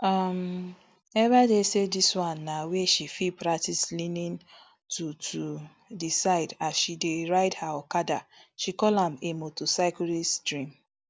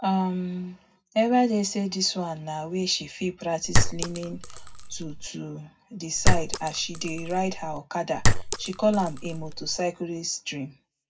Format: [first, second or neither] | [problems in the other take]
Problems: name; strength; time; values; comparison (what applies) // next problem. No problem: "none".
first | background sound (Chink, clink); 5 dB above the speech // room echo; dies away in 0.4 s